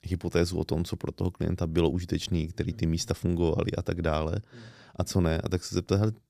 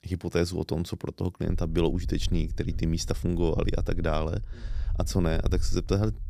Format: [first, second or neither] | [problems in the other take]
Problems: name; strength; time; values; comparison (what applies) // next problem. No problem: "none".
first | low rumble; faint; from 1.5 s on; 25 dB below the speech